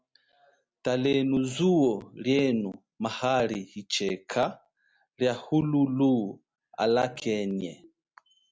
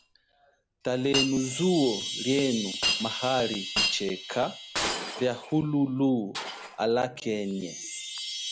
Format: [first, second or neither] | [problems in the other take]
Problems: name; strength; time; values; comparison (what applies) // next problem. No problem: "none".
first | background sound (Shatter + Chime); 5 dB below the speech